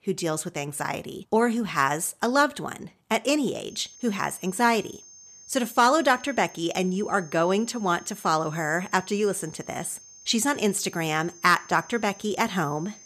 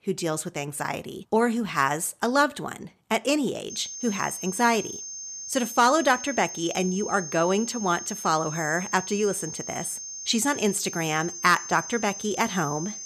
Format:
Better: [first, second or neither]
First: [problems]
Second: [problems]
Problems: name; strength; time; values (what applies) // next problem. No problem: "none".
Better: first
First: high-pitched whine; faint; from 3.5 s on; 6.5 kHz, 20 dB below the speech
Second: high-pitched whine; loud; from 3.5 s on; 6.5 kHz, 9 dB below the speech